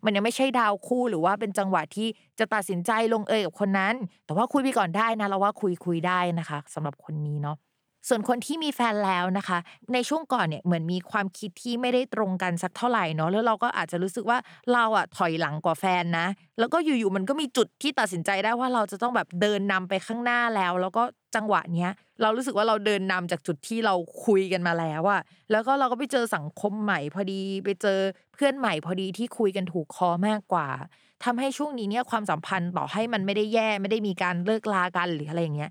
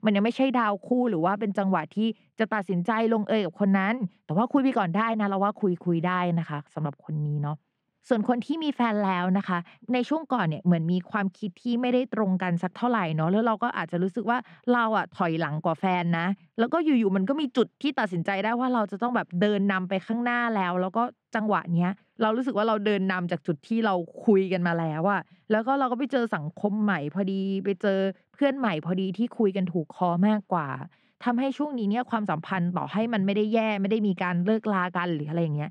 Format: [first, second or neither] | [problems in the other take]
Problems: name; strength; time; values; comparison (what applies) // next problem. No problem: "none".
first | muffled; slightly; fading above 3 kHz